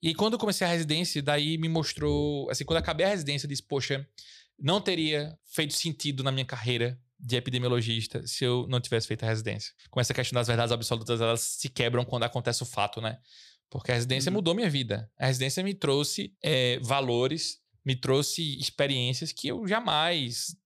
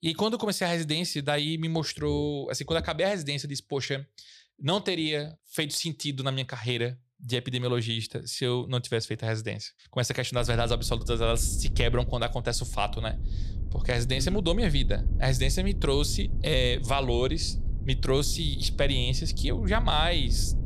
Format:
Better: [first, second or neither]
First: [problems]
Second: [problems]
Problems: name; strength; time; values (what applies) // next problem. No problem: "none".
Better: first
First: none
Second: low rumble; noticeable; from 10 s on; 20 dB below the speech